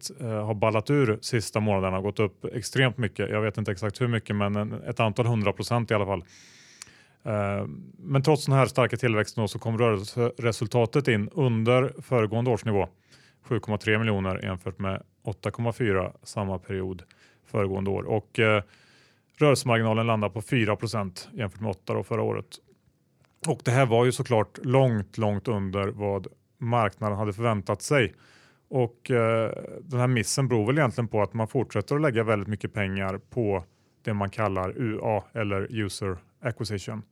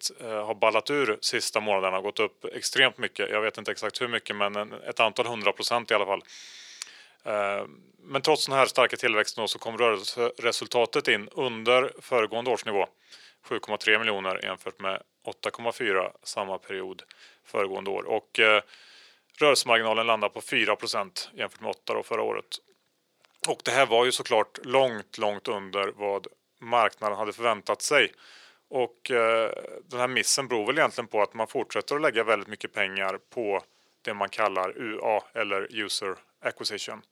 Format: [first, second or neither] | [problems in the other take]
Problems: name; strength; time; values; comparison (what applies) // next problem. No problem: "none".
first | thin; very; fading below 500 Hz